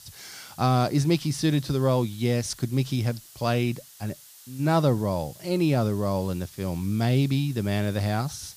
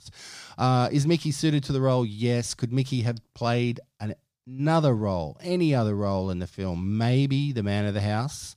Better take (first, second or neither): second